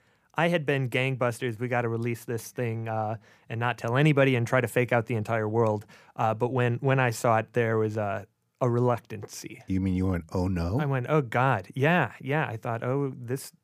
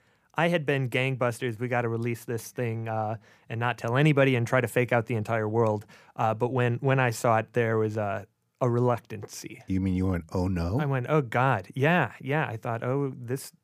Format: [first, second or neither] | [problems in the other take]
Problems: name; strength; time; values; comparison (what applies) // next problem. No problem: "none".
neither | none